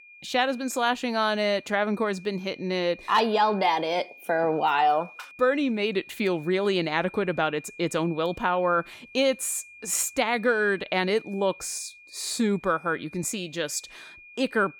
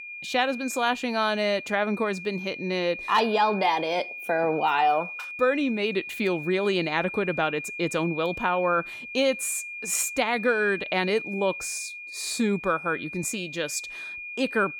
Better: first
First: high-pitched whine; faint; throughout; 2.5 kHz, 20 dB below the speech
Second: high-pitched whine; loud; throughout; 2.5 kHz, 9 dB below the speech

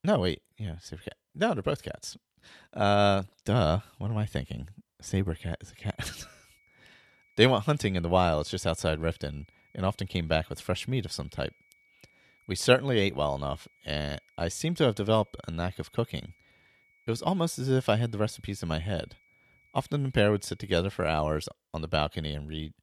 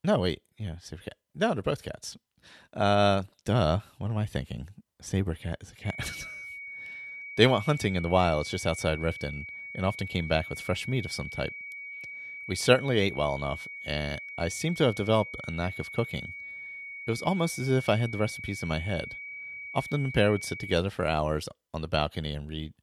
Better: first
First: high-pitched whine; faint; from 6 to 21 s; 2.5 kHz, 35 dB below the speech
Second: high-pitched whine; loud; from 6 to 21 s; 2.5 kHz, 10 dB below the speech

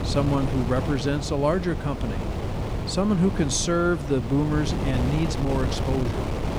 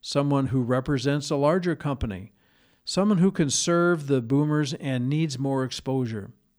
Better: second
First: wind noise on the microphone; heavy; 6 dB below the speech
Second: none

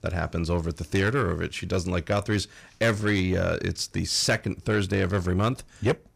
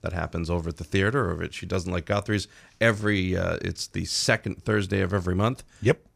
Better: second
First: distortion; slight; 10 dB below the speech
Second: none

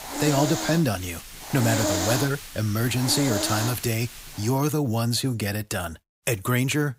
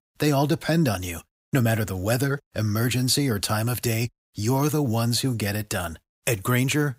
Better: second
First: hiss; loud; until 4.5 s; 4 dB below the speech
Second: none

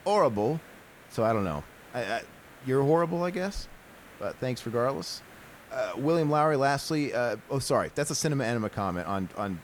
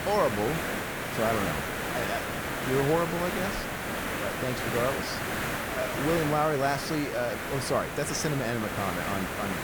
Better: first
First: hiss; faint; throughout; 20 dB below the speech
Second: hiss; loud; throughout; 1 dB below the speech

